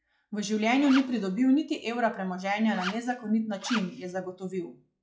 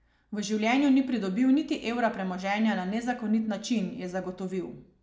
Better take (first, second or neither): second